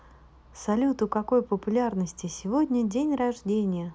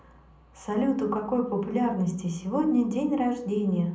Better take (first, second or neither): first